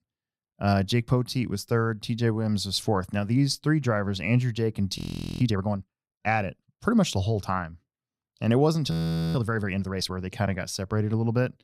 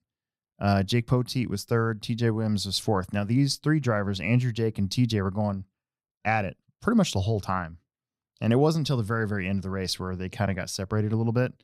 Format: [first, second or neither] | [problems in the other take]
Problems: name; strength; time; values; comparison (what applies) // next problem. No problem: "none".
second | audio freezing; at 5 s and at 9 s